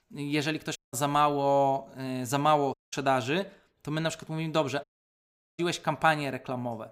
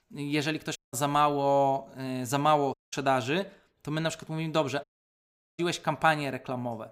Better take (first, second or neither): neither